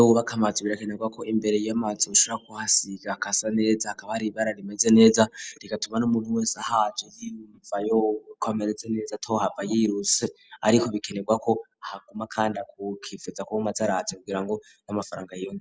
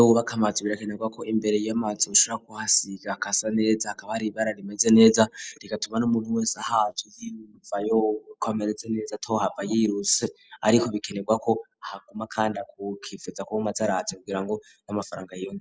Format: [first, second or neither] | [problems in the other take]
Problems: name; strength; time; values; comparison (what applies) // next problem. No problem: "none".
first | noise reduction (neural mask model Resemble Enhance denoiser)